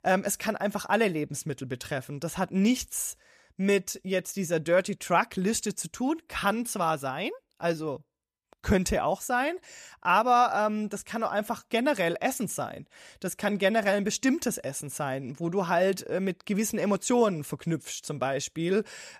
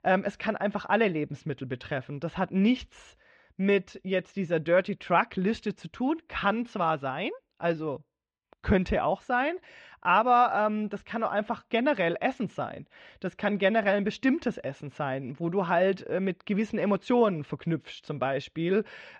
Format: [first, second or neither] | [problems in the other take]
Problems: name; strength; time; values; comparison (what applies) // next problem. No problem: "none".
first | muffled; very; fading above 3.5 kHz